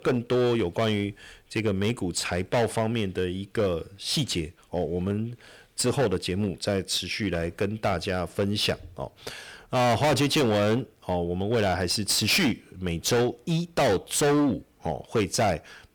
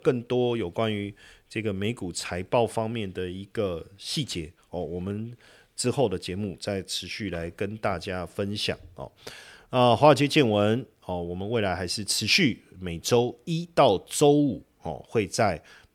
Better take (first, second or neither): second